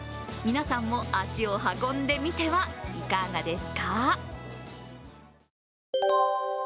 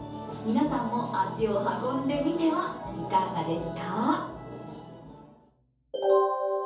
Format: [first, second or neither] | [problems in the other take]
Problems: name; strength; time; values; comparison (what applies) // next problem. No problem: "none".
first | room echo; dies away in 0.6 s